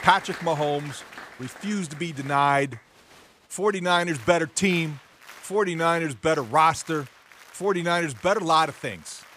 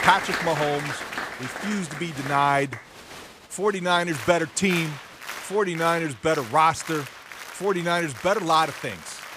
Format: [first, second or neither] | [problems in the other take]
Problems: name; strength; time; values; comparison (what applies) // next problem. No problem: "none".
first | crowd noise; loud; throughout; 10 dB below the speech; faint in the first